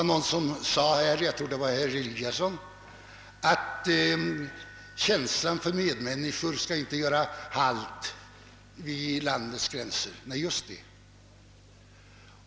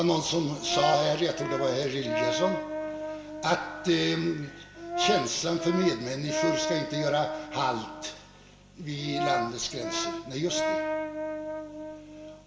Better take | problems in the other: first | background sound (Brass instrument); 3 dB below the speech // room echo; dies away in 0.6 s

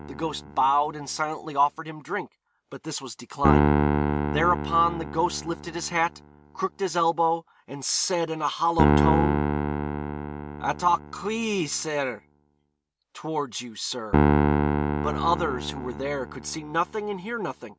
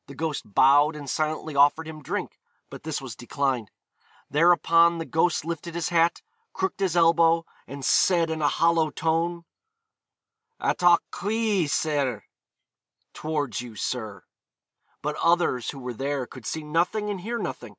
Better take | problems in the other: second | background sound (Piano); as loud as the speech

